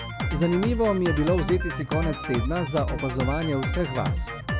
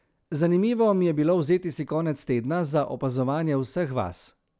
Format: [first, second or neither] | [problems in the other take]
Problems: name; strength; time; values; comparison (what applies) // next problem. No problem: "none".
second | background sound (Drum kit); 2 dB below the speech